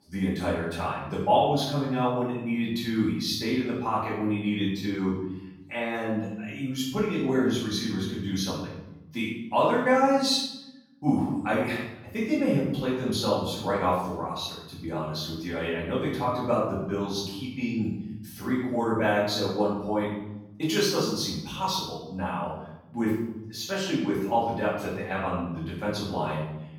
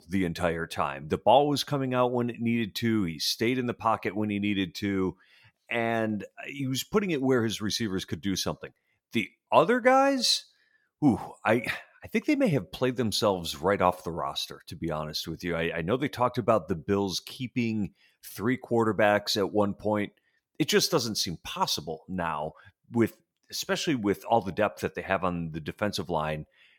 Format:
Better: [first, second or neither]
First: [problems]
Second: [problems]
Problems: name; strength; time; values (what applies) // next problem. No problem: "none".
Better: second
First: room echo; noticeable; dies away in 0.9 s // off-mic speech; far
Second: none